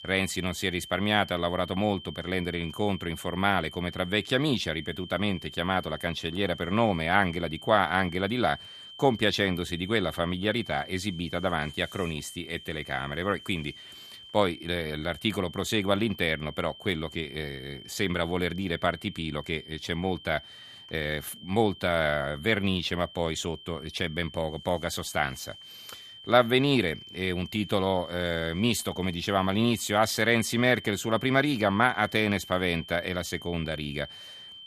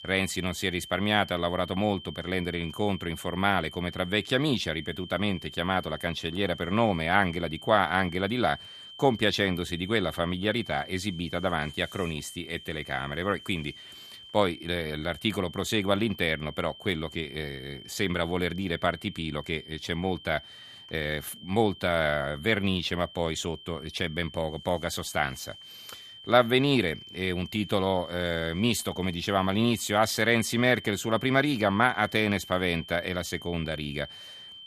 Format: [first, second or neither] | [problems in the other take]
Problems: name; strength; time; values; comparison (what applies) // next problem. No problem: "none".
neither | high-pitched whine; noticeable; throughout; 3 kHz, 15 dB below the speech; the same in both